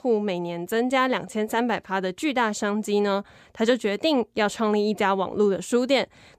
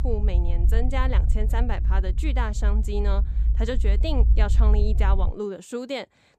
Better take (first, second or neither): first